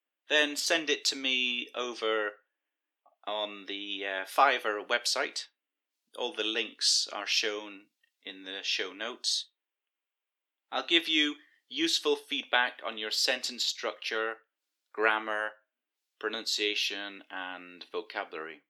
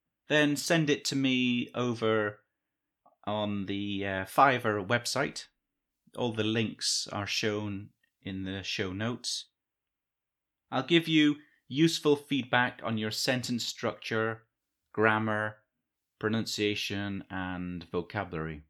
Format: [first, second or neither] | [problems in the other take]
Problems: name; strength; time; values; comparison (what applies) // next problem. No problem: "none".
second | thin; somewhat; fading below 350 Hz